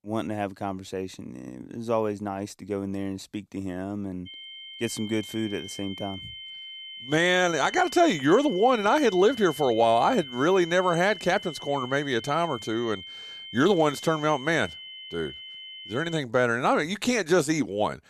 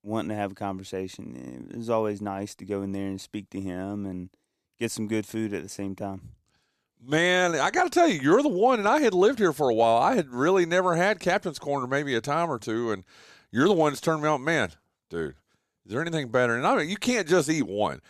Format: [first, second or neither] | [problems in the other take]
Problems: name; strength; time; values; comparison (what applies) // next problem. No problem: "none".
second | high-pitched whine; noticeable; from 4.5 to 16 s; 3 kHz, 15 dB below the speech